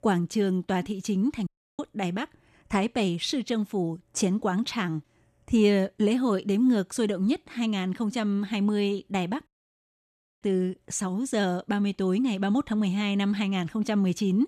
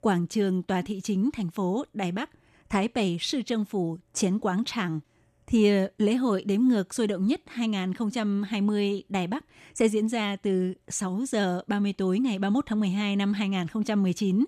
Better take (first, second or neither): second